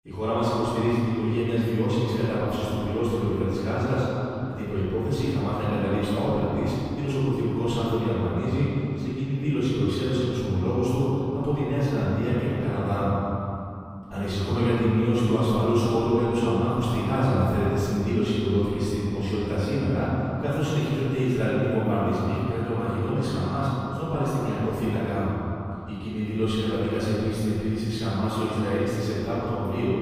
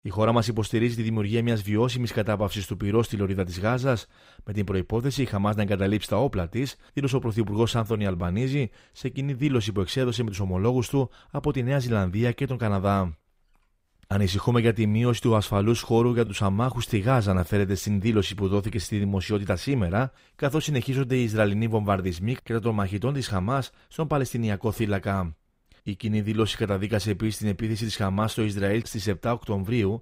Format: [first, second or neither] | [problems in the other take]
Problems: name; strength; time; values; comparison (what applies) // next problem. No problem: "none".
second | room echo; strong; dies away in 2.7 s // off-mic speech; far